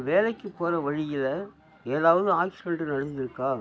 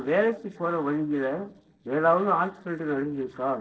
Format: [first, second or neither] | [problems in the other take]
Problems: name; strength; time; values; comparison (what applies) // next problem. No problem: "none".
first | noise reduction (neural separator model SepFormer DNS4)